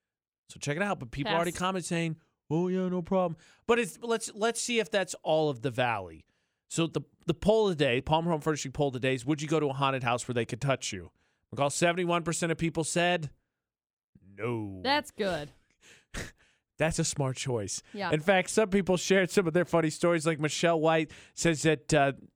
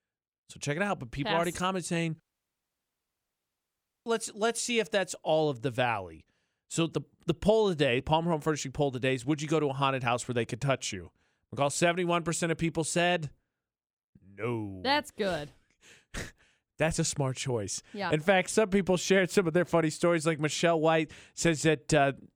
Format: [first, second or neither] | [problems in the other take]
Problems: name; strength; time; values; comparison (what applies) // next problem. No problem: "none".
first | audio cutting out; at 2 s for 2 s